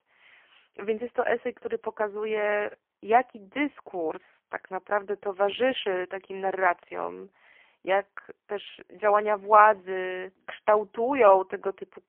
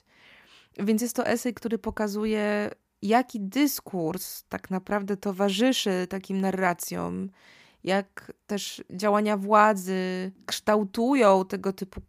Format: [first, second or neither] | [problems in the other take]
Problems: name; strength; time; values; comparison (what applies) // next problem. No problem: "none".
second | phone-call audio; poor line; nothing above 3.5 kHz